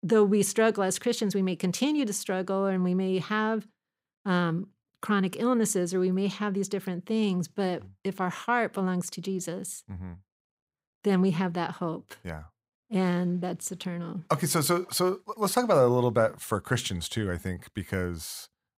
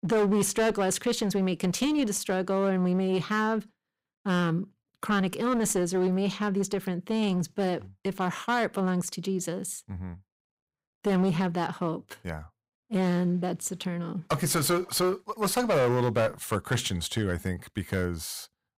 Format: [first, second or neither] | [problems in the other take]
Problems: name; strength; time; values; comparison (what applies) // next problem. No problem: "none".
first | distortion; slight; 11% of the sound clipped